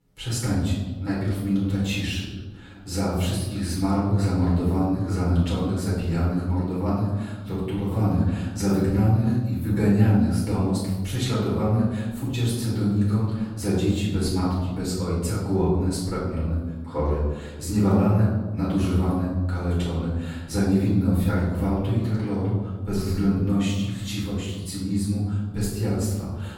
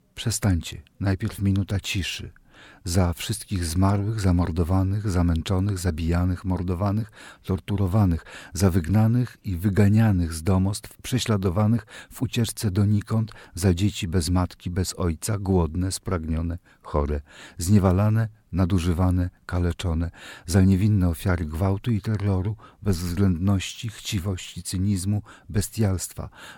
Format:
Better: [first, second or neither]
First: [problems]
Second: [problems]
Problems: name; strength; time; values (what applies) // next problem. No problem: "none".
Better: second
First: off-mic speech; far // room echo; noticeable; dies away in 1.2 s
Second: none